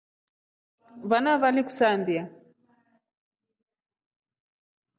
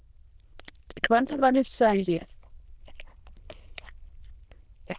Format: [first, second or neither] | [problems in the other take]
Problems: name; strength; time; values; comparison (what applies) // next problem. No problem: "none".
first | noise reduction (neural diffusion model UNIVERSE++)